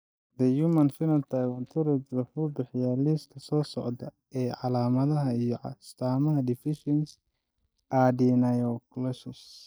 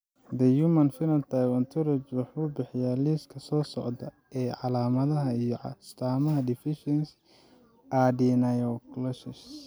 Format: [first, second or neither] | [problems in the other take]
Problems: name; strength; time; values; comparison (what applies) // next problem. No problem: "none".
second | noise reduction (neural mask model DeepFilterNet 3)